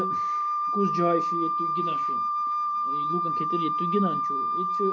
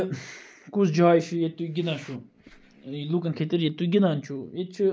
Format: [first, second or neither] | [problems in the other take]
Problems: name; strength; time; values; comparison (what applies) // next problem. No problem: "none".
second | background sound (Wind instrument, woodwind instrument); 5 dB above the speech // room echo; dies away in 0.3 s